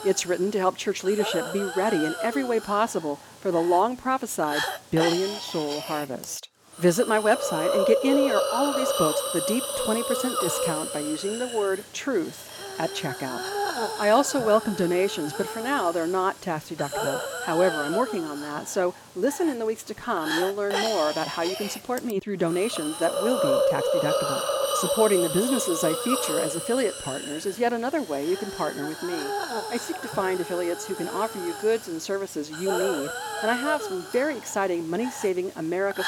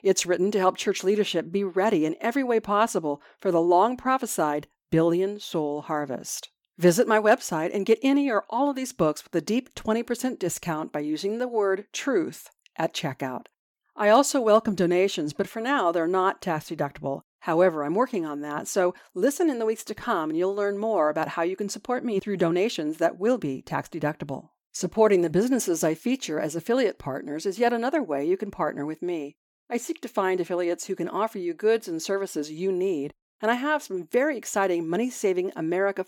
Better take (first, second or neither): second